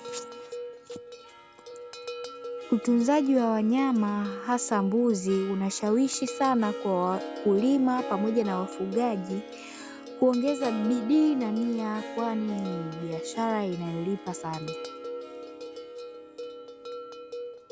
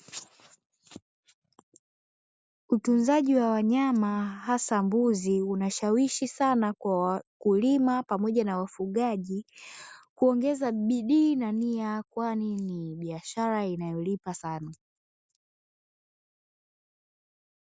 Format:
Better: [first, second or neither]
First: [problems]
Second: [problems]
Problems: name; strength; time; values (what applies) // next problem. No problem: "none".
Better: second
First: background sound (Bell + Harp); 11 dB below the speech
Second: none